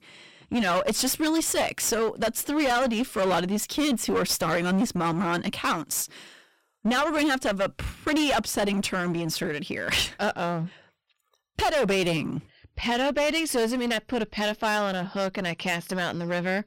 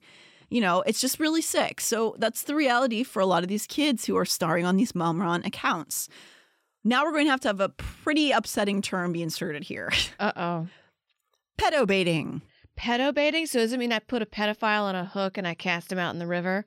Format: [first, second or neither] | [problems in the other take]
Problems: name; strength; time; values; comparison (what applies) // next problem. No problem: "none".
second | distortion; heavy; 17% of the sound clipped